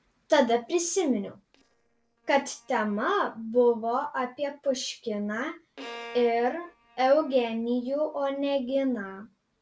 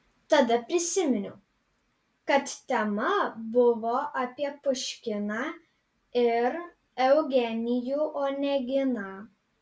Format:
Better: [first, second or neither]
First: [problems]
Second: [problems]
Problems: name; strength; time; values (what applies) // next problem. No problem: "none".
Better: second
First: noise reduction (neural separator model SepFormer DNS4)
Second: none